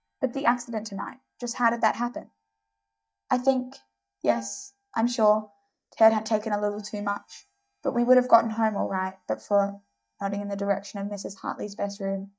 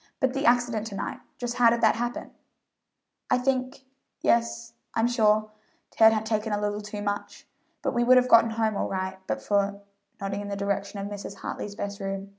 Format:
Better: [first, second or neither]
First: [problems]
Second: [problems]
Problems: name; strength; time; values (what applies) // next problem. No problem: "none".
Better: second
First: noise reduction (neural mask model DeepFilterNet 3)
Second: none